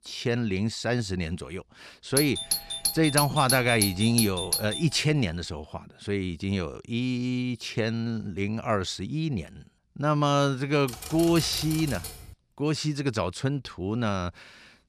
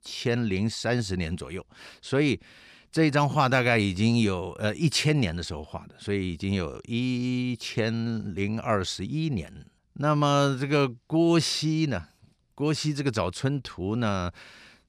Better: second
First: doorbell; loud; from 2 to 5 s; peak 2 dB above the speech // keyboard typing; noticeable; from 11 to 12 s; peak 8 dB below the speech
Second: none

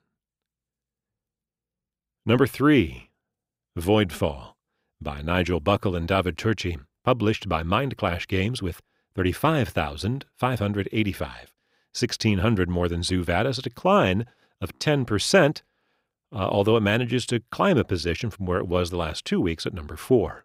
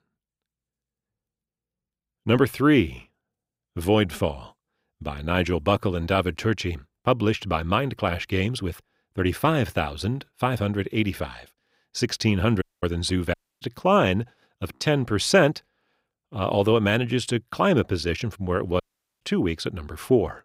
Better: first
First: none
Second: audio cutting out; at 13 s and at 19 s

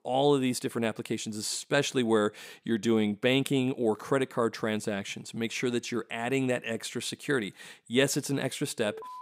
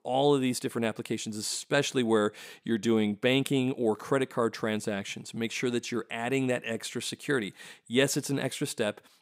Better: second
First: alarm; faint; at 9 s; peak 15 dB below the speech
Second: none

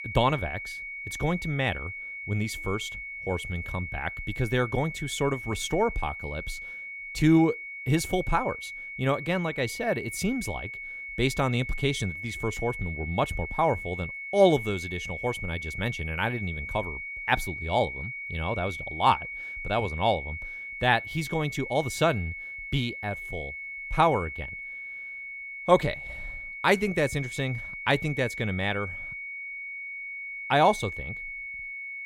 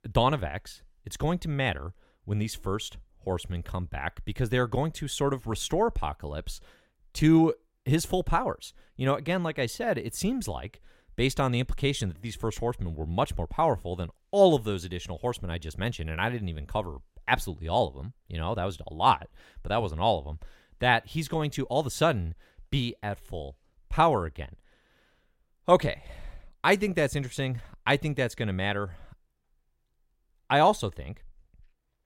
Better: second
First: high-pitched whine; loud; throughout; 2 kHz, 8 dB below the speech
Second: none

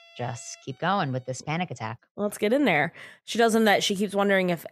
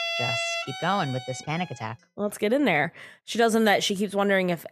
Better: first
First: background music; faint; until 1.5 s; 30 dB below the speech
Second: background music; loud; until 1.5 s; 5 dB below the speech

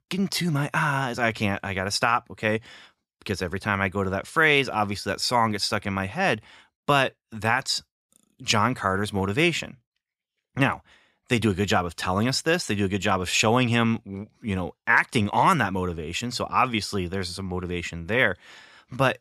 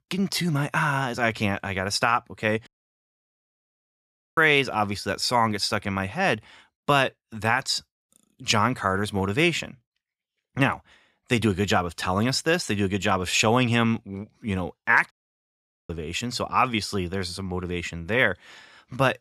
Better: first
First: none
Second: audio cutting out; at 2.5 s for 1.5 s and at 15 s for 1 s

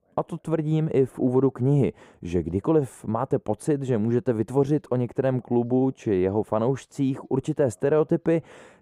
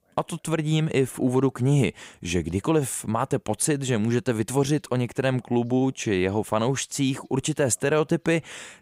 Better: second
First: muffled; very; fading above 1.5 kHz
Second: none

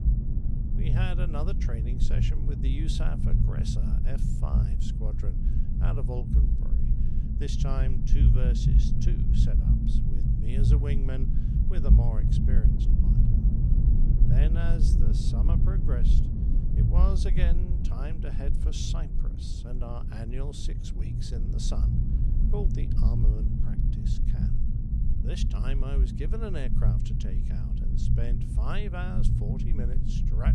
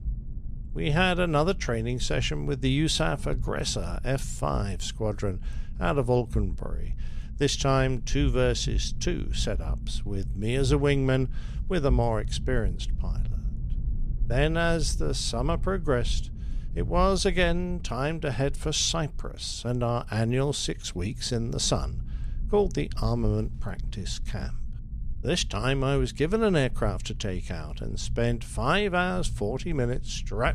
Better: second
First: low rumble; loud; throughout; as loud as the speech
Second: low rumble; faint; throughout; 25 dB below the speech

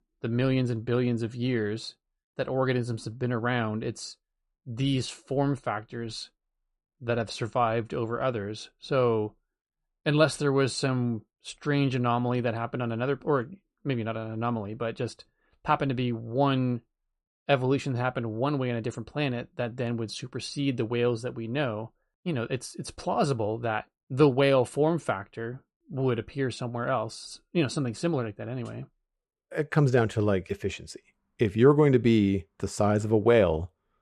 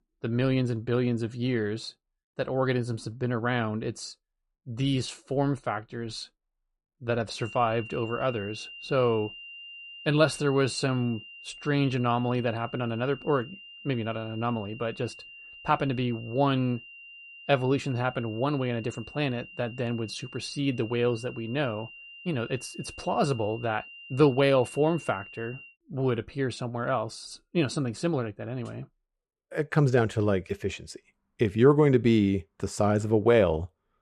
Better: first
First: none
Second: high-pitched whine; noticeable; from 7.5 to 26 s; 3 kHz, 15 dB below the speech

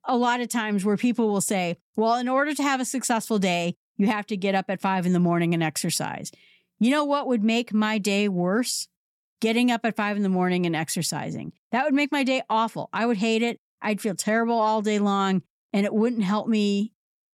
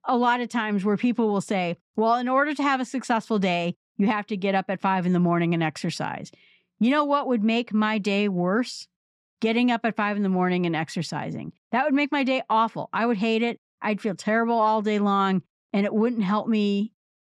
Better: first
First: none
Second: muffled; slightly; fading above 4 kHz

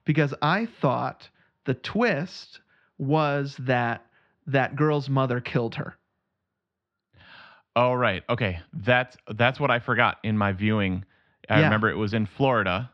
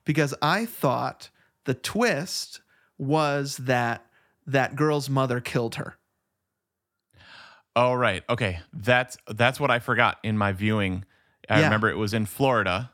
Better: second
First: muffled; slightly; fading above 4 kHz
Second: none

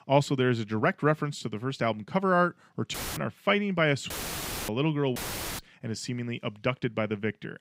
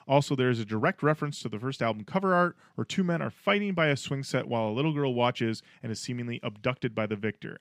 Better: second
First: audio cutting out; filled with static; at 3 s, at 4 s for 0.5 s and at 5 s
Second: none

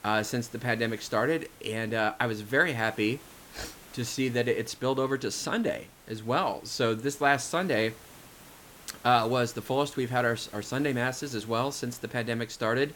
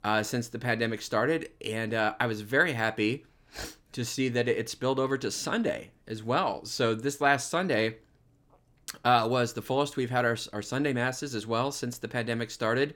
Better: second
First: hiss; faint; throughout; 20 dB below the speech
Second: none

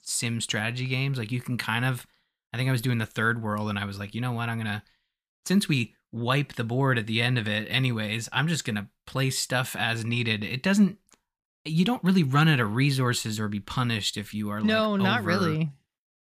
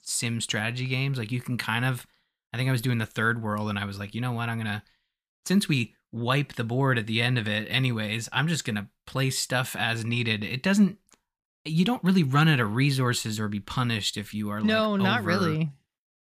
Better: neither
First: none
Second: none

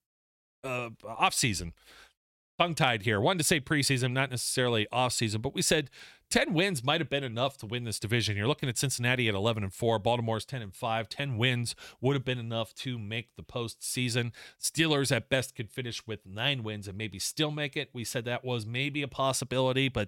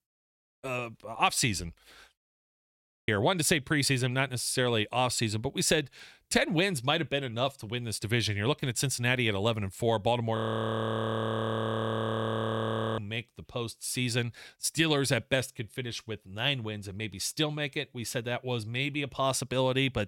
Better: first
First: none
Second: audio freezing; at 2.5 s for 1 s and at 10 s for 2.5 s

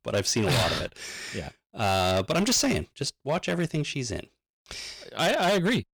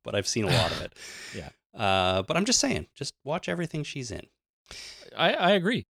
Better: second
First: distortion; heavy; 10% of the sound clipped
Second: none

